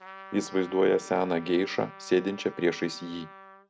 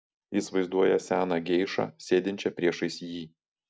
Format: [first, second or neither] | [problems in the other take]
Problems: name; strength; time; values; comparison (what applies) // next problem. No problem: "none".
second | background sound (Trumpet); 18 dB below the speech